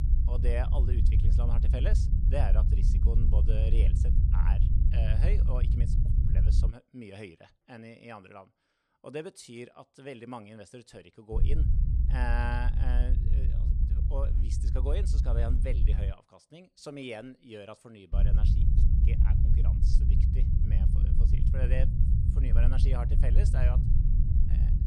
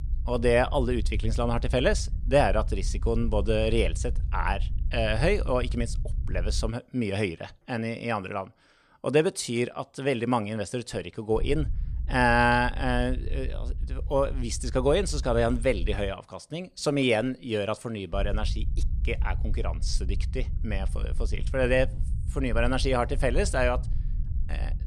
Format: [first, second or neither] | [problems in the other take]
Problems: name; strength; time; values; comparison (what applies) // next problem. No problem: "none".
second | low rumble; loud; until 6.5 s, from 11 to 16 s and from 18 s on; 3 dB below the speech; faint in the second